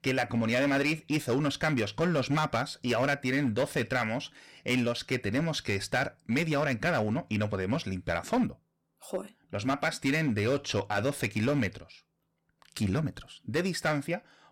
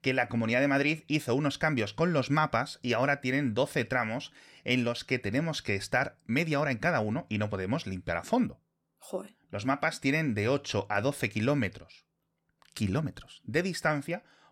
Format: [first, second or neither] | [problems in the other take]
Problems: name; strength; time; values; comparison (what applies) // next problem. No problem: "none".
second | distortion; slight; 7% of the sound clipped